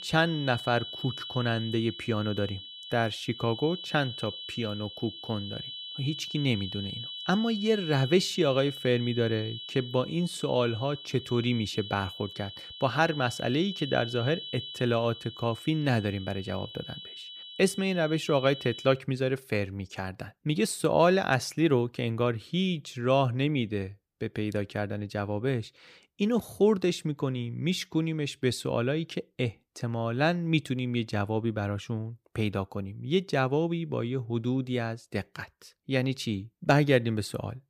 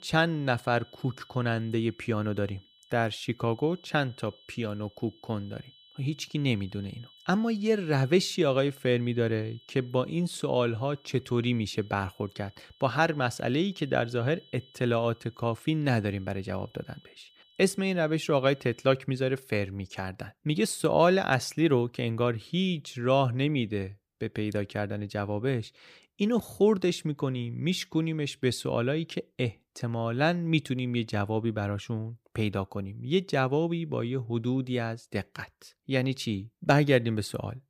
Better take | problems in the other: second | high-pitched whine; loud; until 19 s; 3 kHz, 10 dB below the speech; faint in the second

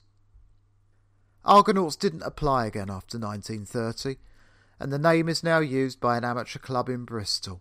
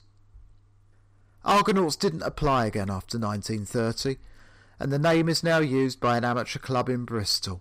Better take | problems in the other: first | distortion; heavy; 7 dB below the speech

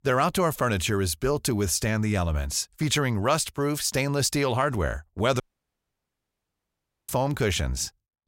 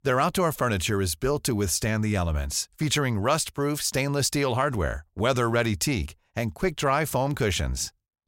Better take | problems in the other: second | audio cutting out; at 5.5 s for 1.5 s

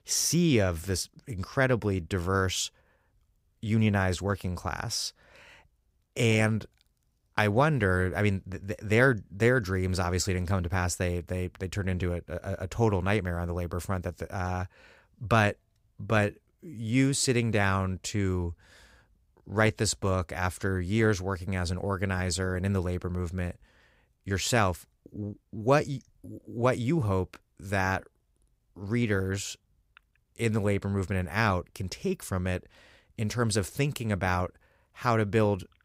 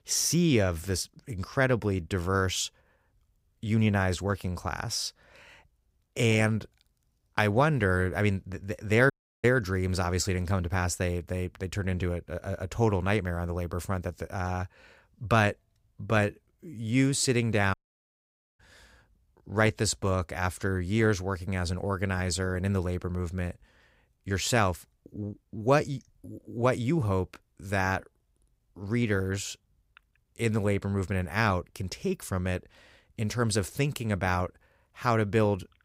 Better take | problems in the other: first | audio cutting out; at 9 s and at 18 s for 1 s

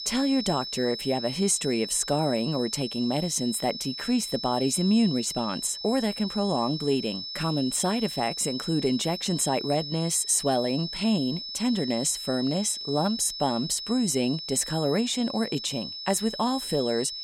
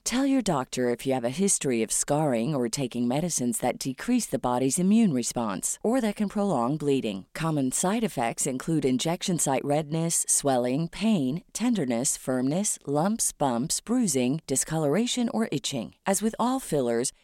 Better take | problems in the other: second | high-pitched whine; loud; throughout; 5.5 kHz, 7 dB below the speech

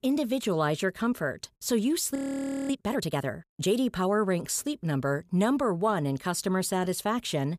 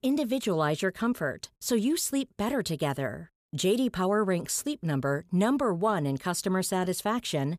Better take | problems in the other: second | audio freezing; at 2 s for 0.5 s

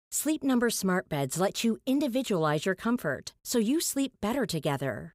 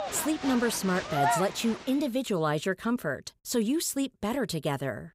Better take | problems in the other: first | crowd noise; loud; until 2 s; 3 dB below the speech

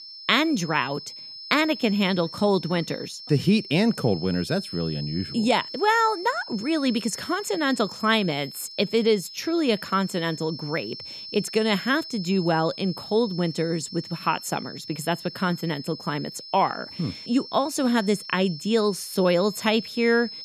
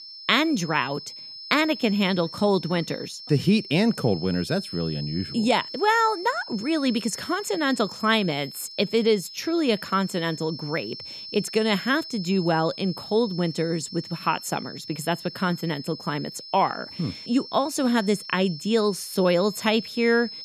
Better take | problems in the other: neither | high-pitched whine; noticeable; throughout; 5.5 kHz, 10 dB below the speech; the same in both

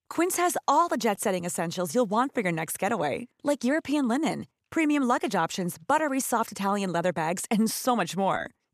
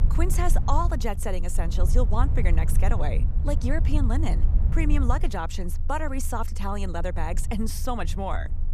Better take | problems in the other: first | low rumble; noticeable; throughout; 10 dB below the speech

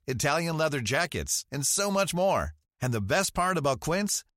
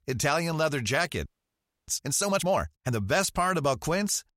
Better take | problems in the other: first | audio freezing; at 1.5 s for 0.5 s

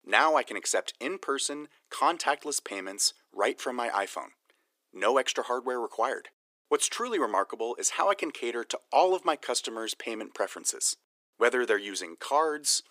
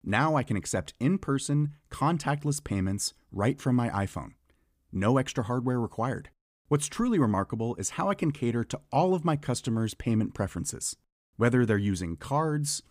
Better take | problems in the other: second | thin; very; fading below 400 Hz

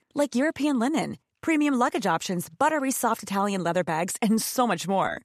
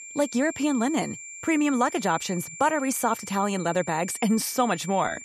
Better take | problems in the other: first | high-pitched whine; noticeable; throughout; 7 kHz, 15 dB below the speech

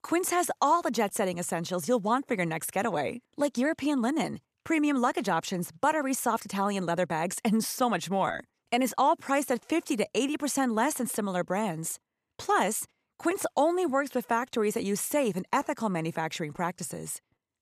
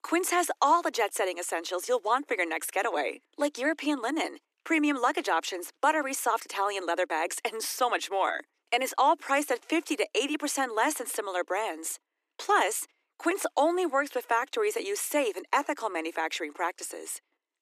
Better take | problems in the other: first | thin; somewhat; fading below 300 Hz

